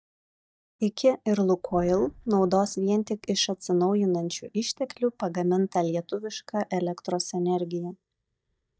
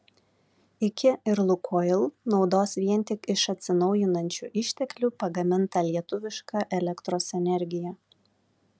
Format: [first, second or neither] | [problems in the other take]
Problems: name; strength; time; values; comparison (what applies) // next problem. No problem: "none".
second | noise reduction (neural mask model DeepFilterNet 3)